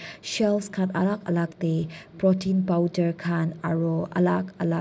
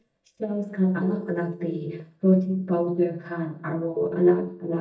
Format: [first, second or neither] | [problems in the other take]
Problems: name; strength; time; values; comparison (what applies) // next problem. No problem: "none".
first | noise reduction (neural mask model DeepFilterNet 3)